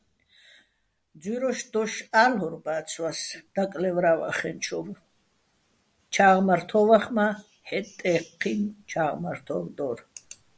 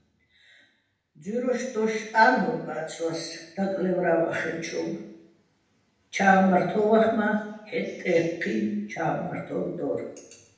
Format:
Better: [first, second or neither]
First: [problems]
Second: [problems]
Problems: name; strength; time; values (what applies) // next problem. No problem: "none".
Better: first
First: none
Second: room echo; dies away in 0.8 s